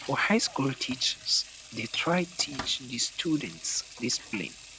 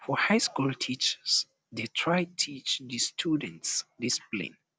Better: second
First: background sound (Sink (filling or washing) / Water tap, faucet); 14 dB below the speech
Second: none

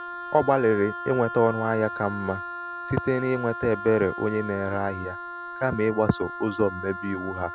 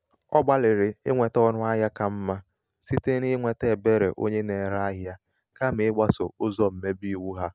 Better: second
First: background sound (Wind instrument, woodwind instrument); 10 dB below the speech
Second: none

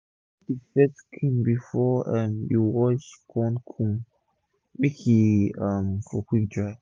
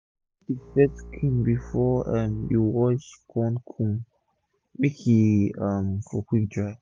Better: first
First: none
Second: background sound (Bowed string instrument); 18 dB below the speech

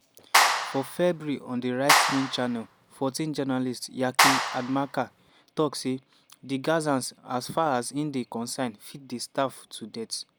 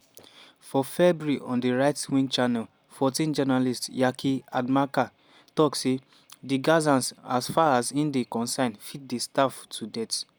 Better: second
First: background sound (Clapping); 4 dB above the speech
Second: none

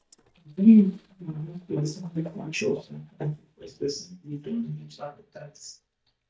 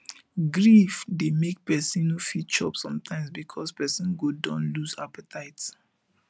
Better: second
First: noise reduction (neural mask model DeepFilterNet 3)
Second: none

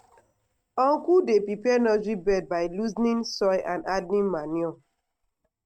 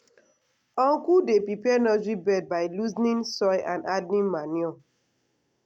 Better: second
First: noise reduction (neural mask model RNNoise)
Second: none

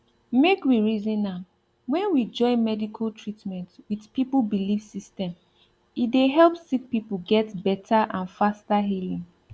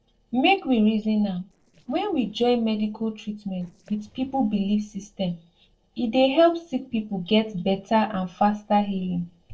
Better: first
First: none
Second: noise reduction (neural separator model SepFormer DNS4)

